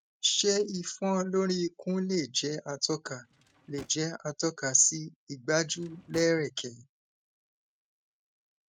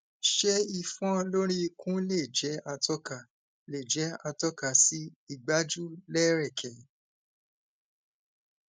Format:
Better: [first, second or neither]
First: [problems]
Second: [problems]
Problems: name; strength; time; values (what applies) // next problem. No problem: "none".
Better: second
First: noise reduction (neural mask model RNNoise)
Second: none